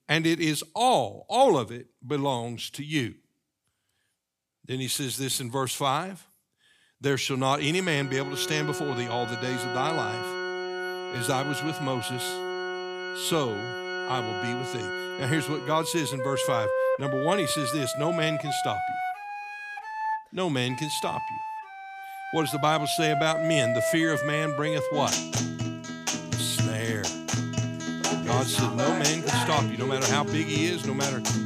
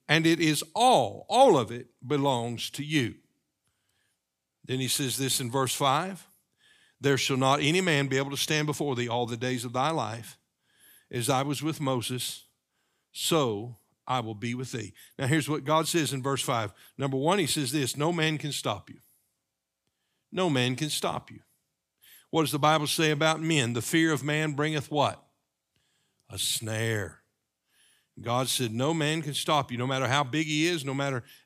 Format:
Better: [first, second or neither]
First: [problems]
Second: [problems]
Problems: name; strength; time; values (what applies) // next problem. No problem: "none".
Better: second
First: background music; loud; from 8 s on; 2 dB below the speech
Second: none